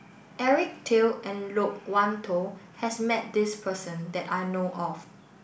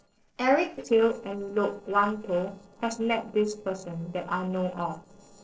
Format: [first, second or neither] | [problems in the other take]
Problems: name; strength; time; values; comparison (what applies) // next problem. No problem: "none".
first | noise reduction (neural separator model SepFormer DNS4)